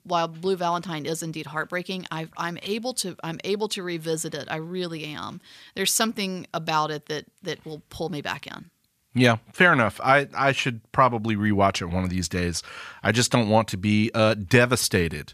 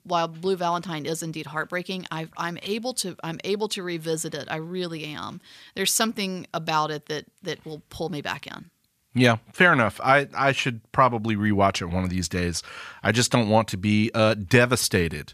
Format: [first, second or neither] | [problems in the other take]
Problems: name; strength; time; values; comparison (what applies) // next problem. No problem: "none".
neither | none